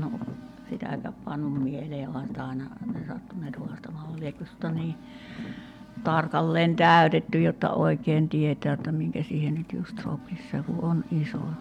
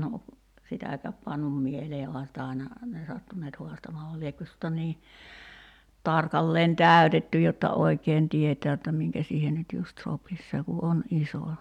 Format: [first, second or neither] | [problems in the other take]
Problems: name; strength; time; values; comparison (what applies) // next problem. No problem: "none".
second | background sound (Car); 12 dB below the speech